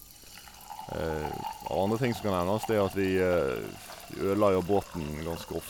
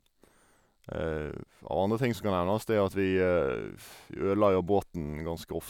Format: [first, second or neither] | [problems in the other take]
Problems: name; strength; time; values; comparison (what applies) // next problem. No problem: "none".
second | background sound (Fill (with liquid)); 13 dB below the speech